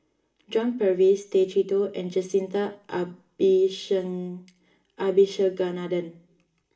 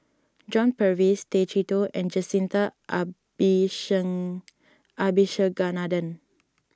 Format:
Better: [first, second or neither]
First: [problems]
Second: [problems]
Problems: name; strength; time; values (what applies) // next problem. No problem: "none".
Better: second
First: room echo; dies away in 0.4 s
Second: none